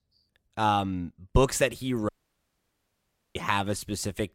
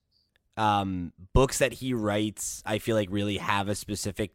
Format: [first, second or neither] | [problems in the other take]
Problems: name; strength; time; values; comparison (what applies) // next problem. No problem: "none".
second | audio cutting out; at 2 s for 1.5 s